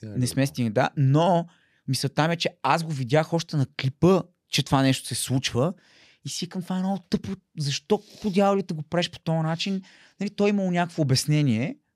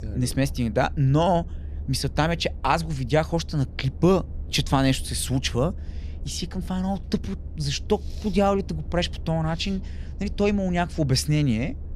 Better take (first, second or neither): first